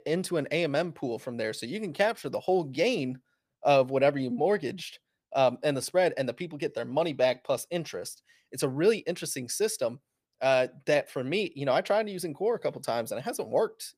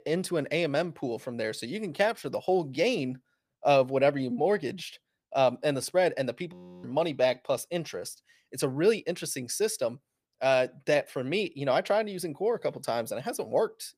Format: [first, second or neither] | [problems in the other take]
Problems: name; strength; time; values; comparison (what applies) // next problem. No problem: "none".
first | audio freezing; at 6.5 s